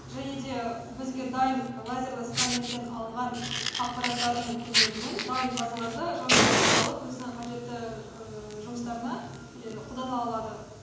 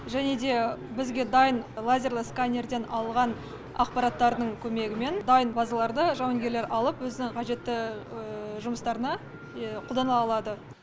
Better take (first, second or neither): second